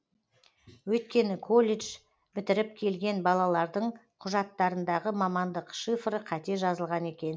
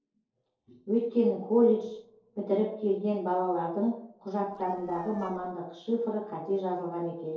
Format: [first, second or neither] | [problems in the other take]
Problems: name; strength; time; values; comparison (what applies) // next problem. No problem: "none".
first | noise reduction (neural separator model SepFormer DNS4)